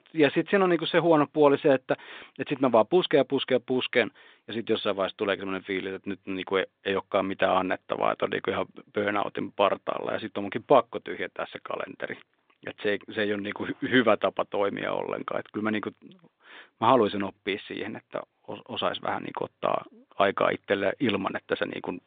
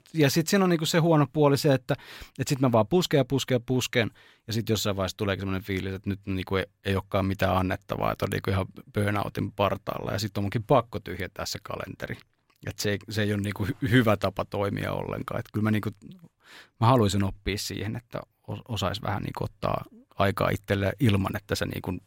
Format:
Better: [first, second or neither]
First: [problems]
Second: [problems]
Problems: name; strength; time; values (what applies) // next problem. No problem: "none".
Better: second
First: phone-call audio; nothing above 3.5 kHz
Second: none